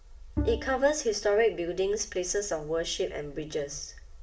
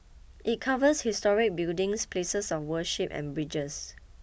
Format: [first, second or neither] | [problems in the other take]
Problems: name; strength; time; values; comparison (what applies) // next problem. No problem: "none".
second | background sound (Bowed string instrument); 8 dB below the speech // room echo; dies away in 0.4 s